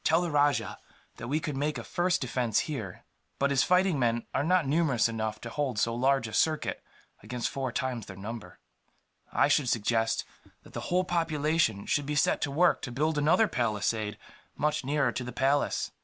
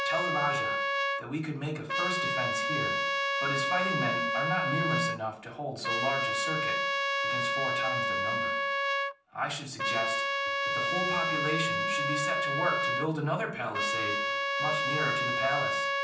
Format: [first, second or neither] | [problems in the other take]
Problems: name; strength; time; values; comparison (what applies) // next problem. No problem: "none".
first | background sound (Trumpet); 5 dB above the speech // room echo; dies away in 0.6 s